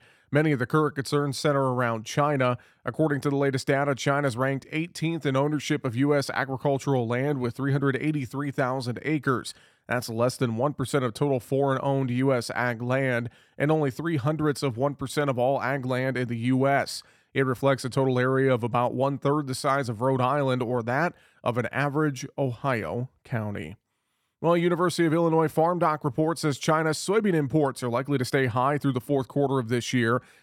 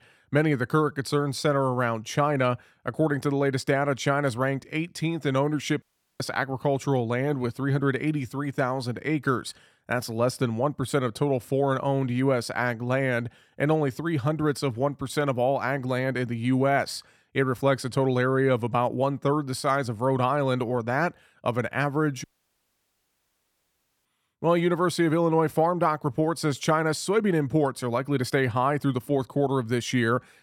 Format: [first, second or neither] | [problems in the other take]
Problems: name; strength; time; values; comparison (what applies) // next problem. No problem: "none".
first | audio cutting out; at 6 s and at 22 s for 2 s